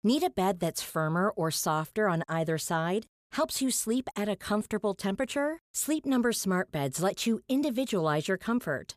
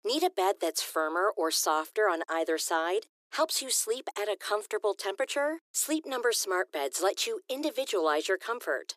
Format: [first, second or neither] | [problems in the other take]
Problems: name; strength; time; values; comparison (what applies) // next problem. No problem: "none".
first | thin; very; fading below 300 Hz